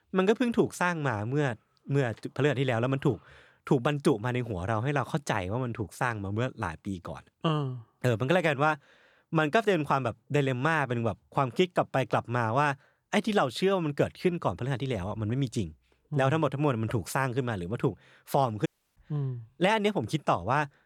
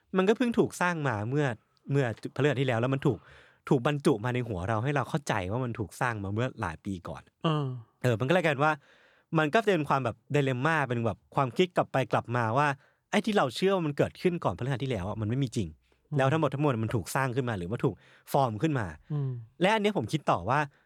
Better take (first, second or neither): second